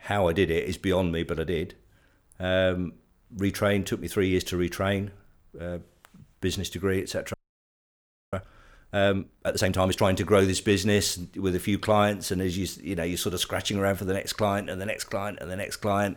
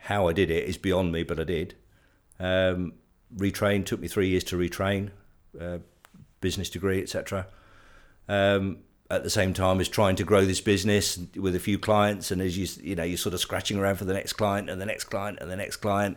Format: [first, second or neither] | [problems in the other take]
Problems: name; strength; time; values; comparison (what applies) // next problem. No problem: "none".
second | audio freezing; at 7.5 s for 1 s